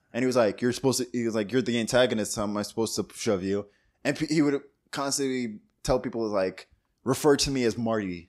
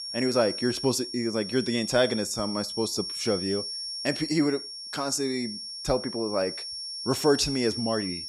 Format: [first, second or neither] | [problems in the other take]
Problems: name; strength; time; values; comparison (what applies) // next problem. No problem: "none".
first | high-pitched whine; loud; throughout; 5.5 kHz, 5 dB below the speech